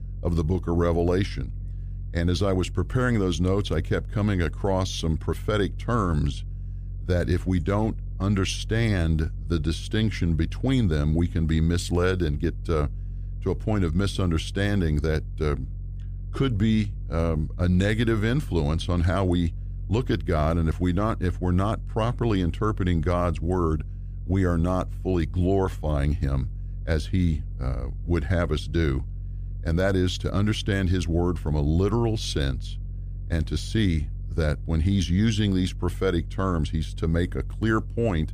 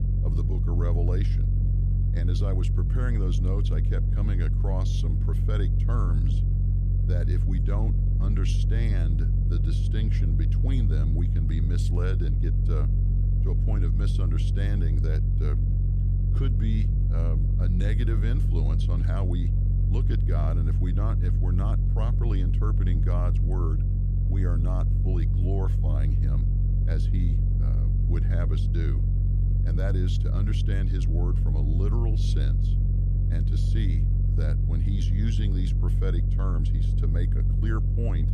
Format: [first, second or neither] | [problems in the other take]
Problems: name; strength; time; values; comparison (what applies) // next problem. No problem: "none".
first | low rumble; loud; throughout; 1 dB below the speech; faint in the first